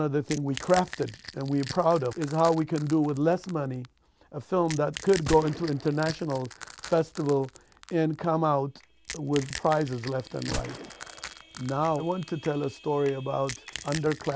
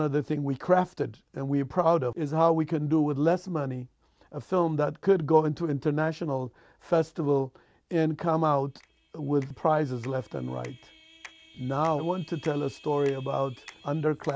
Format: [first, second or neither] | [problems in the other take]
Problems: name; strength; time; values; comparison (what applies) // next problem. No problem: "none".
second | background sound (Gunshot, gunfire + Crack / Crushing); 14 dB below the speech